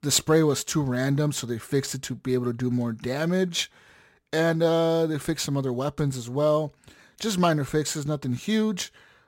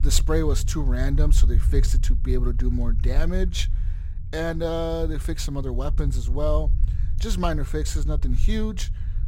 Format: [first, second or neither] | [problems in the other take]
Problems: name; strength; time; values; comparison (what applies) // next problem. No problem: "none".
first | low rumble; noticeable; throughout; 15 dB below the speech